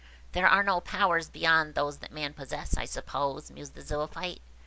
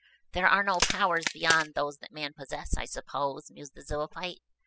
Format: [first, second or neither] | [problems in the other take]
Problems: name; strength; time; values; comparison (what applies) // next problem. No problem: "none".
first | noise reduction (classical method spectral subtraction)